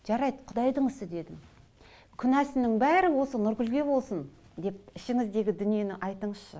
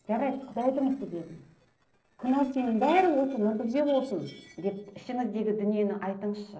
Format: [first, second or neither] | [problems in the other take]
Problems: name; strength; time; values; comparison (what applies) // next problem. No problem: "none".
first | noise reduction (neural separator model SepFormer DNS4)